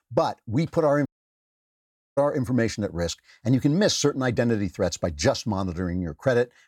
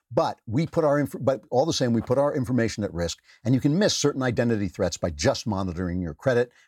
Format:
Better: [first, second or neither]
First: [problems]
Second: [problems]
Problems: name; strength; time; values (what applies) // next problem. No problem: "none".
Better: second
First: audio cutting out; at 1 s for 1 s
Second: none